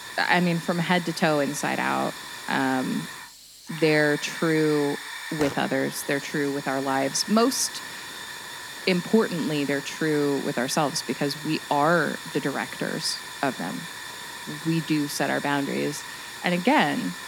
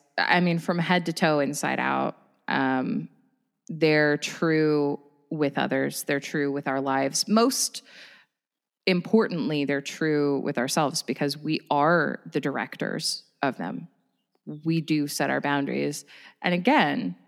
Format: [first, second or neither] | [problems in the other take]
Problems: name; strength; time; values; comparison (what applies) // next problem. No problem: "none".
second | hiss; noticeable; throughout; 10 dB below the speech